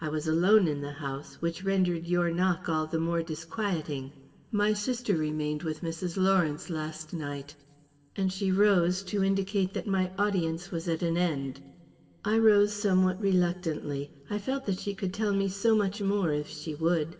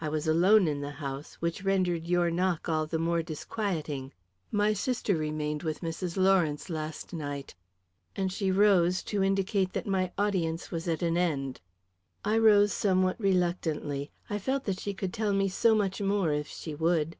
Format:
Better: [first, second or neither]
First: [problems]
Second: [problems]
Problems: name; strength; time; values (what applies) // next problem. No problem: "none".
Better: second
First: room echo; dies away in 1.6 s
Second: none